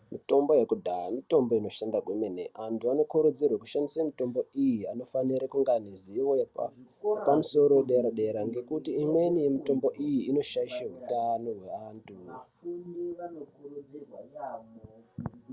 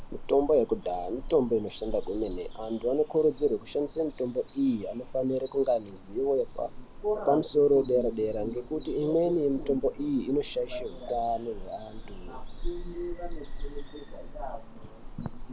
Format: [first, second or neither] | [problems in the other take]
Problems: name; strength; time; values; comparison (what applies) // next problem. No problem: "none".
first | background sound (Bird vocalization, bird call, bird song); 10 dB below the speech